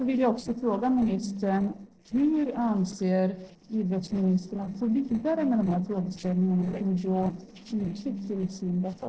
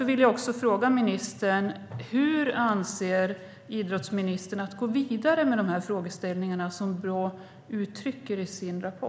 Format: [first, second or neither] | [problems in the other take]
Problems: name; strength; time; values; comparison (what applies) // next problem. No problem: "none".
second | noise reduction (neural separator model SepFormer DNS4)